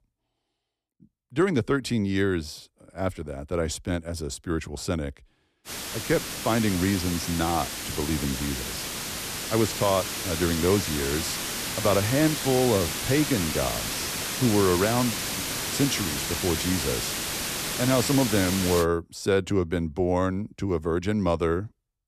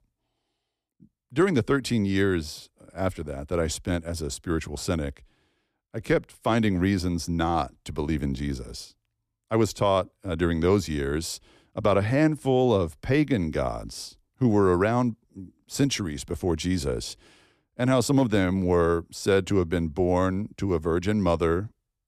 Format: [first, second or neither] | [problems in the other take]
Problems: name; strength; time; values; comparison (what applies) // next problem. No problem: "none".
second | hiss; loud; from 5.5 to 19 s; 3 dB below the speech